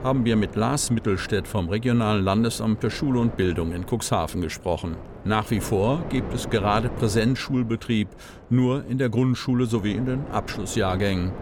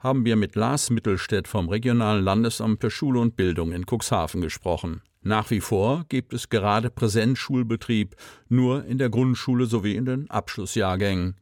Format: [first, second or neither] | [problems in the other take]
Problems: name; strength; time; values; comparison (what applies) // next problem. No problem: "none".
second | wind noise on the microphone; occasional gusts; 15 dB below the speech